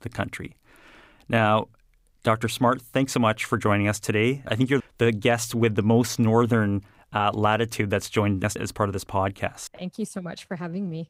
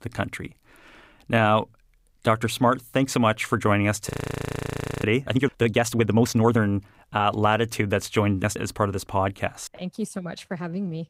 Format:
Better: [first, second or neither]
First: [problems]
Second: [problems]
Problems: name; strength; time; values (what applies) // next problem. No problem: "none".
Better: first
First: none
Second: audio freezing; at 4 s for 1 s